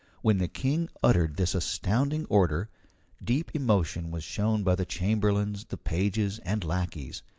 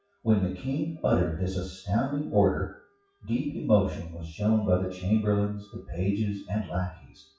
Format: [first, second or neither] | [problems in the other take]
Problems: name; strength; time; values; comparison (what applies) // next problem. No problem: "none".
first | noise reduction (classical method WPE with log-MMSE)